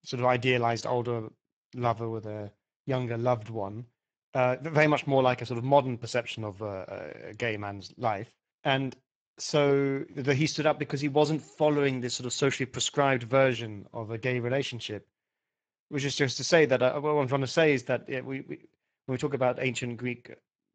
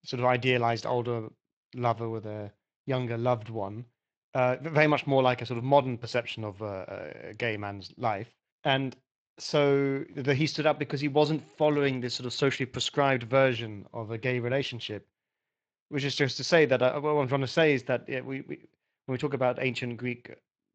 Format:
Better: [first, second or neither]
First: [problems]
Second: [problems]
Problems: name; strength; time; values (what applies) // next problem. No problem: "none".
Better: second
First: garbled, watery; badly; nothing above 7.5 kHz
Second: garbled, watery; slightly; nothing above 7.5 kHz